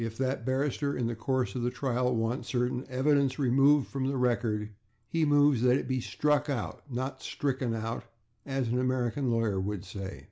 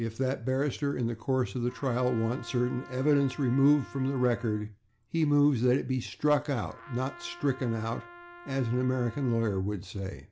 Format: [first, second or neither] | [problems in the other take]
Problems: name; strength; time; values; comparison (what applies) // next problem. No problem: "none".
first | background sound (Trumpet); 20 dB below the speech